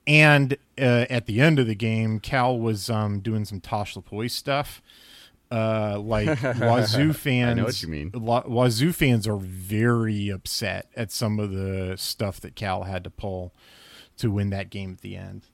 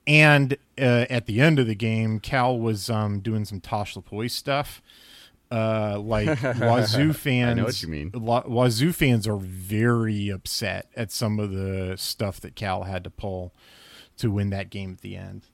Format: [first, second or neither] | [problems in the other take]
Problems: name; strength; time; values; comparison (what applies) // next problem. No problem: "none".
neither | none